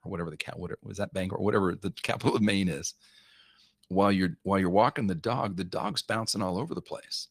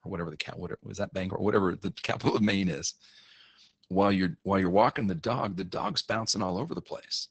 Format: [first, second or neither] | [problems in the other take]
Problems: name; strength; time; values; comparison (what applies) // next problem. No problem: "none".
first | garbled, watery; badly; slightly in the first